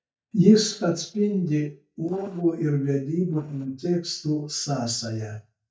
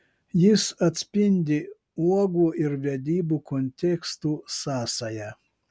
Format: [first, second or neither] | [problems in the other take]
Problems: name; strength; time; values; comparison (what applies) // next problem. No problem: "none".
second | noise reduction (neural mask model DeepFilterNet 3)